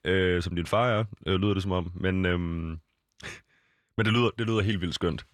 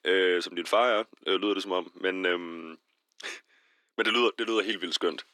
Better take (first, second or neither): first